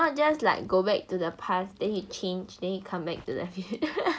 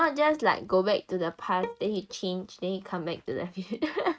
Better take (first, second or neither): first